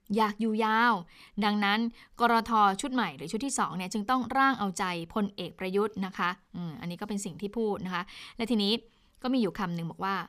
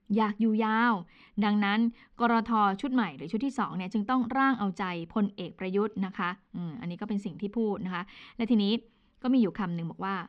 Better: first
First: none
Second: muffled; slightly; fading above 3 kHz

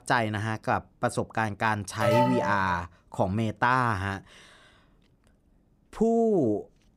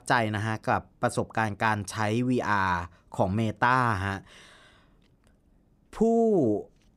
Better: second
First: alarm; loud; at 2 s; peak 3 dB above the speech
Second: none

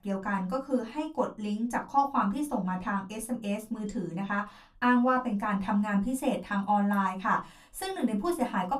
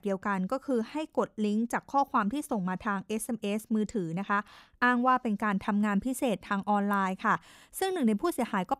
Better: second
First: off-mic speech; far // room echo; very slight; dies away in 0.2 s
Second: none

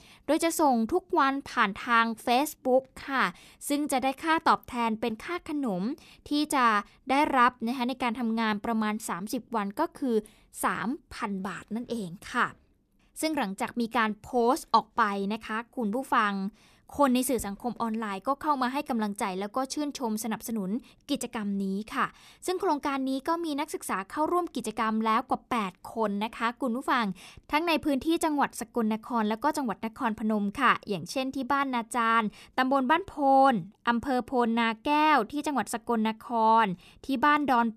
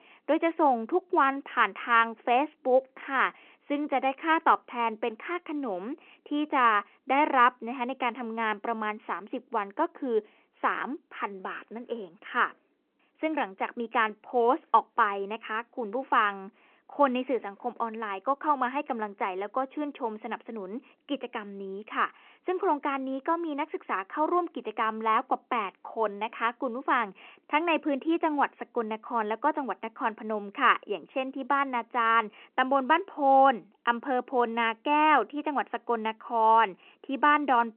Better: first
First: none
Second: phone-call audio

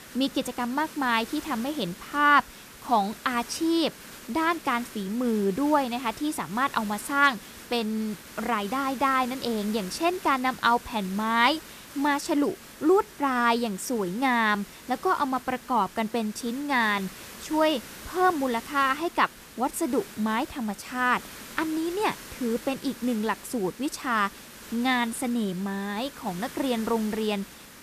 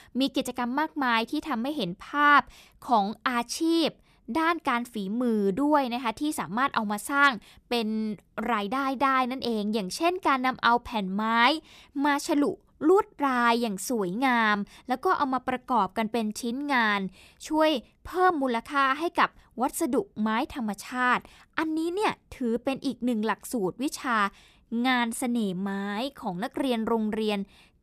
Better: second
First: hiss; noticeable; throughout; 15 dB below the speech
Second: none

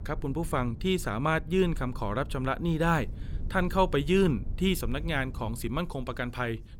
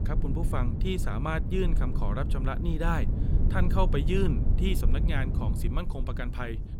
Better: first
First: low rumble; faint; throughout; 25 dB below the speech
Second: low rumble; loud; throughout; 8 dB below the speech

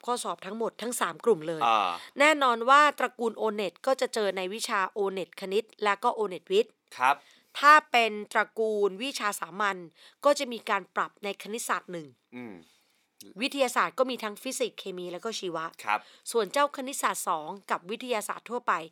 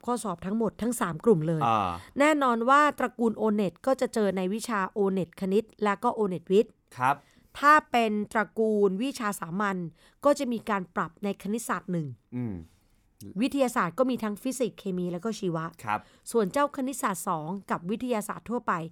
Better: second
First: thin; somewhat; fading below 400 Hz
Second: none

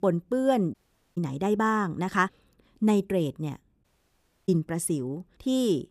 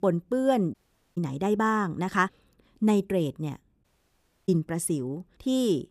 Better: neither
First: audio cutting out; at 0.5 s and at 4 s for 0.5 s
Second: audio cutting out; at 0.5 s and at 4 s for 0.5 s

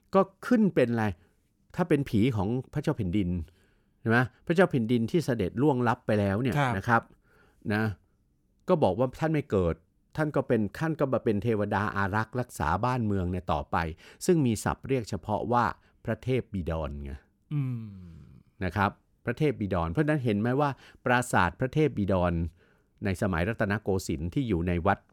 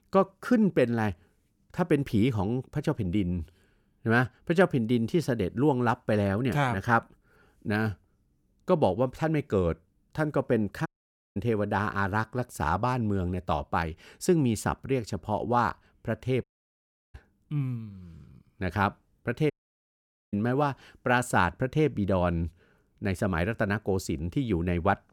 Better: first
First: none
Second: audio cutting out; at 11 s for 0.5 s, at 16 s for 0.5 s and at 20 s for 1 s

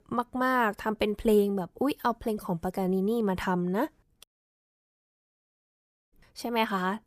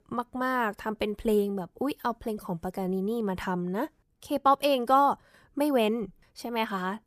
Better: second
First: audio cutting out; at 4 s for 2 s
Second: none

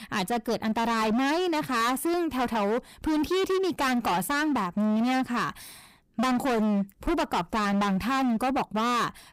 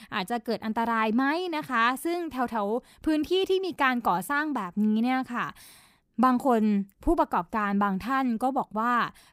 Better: second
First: distortion; heavy; 31% of the sound clipped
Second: none

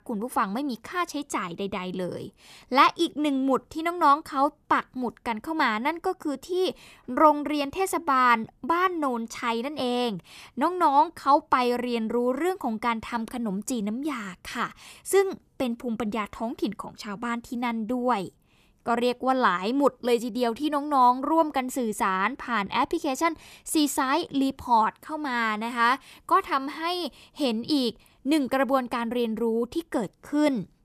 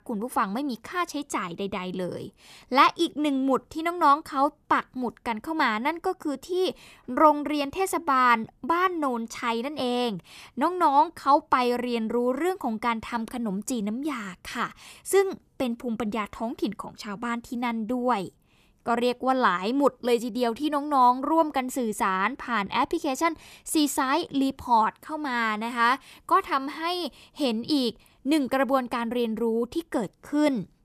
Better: neither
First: none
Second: none

